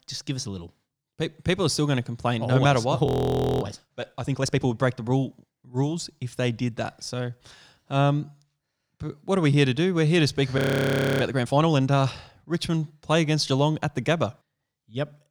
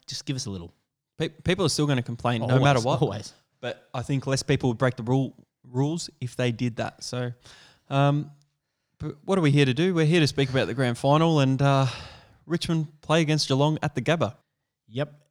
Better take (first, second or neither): second